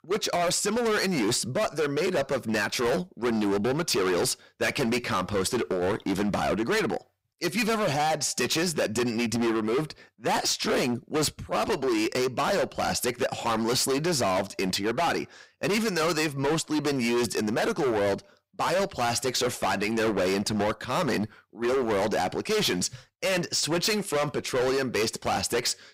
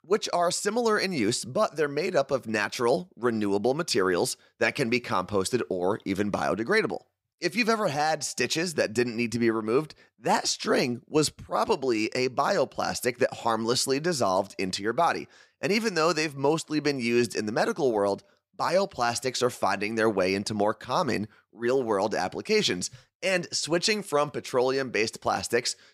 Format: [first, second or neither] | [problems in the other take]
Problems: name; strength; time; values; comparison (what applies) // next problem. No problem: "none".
second | distortion; heavy; 24% of the sound clipped